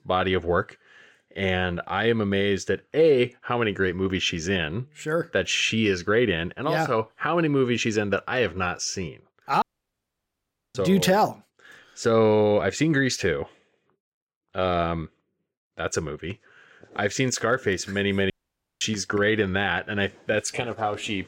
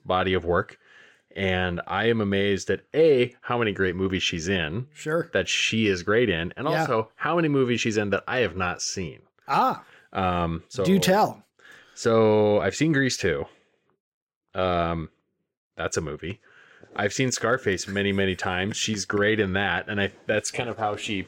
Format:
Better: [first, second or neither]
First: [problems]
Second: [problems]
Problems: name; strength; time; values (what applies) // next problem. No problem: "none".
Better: second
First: audio cutting out; at 9.5 s for 1 s and at 18 s for 0.5 s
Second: none